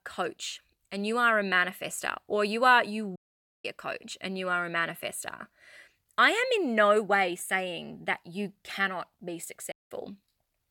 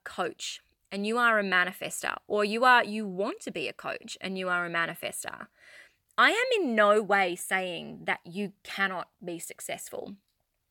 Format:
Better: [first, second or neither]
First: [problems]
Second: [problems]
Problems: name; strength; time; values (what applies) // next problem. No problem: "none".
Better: second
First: audio cutting out; at 3 s and at 9.5 s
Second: none